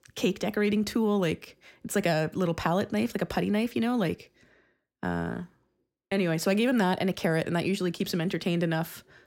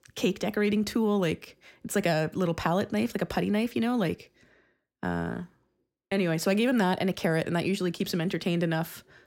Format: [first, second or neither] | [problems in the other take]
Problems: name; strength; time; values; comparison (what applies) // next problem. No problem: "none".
neither | none